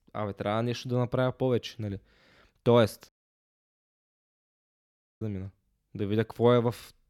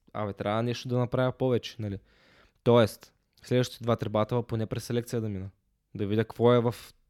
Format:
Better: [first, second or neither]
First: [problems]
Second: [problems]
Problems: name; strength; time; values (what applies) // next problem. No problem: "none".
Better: second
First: audio cutting out; at 3 s for 2 s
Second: none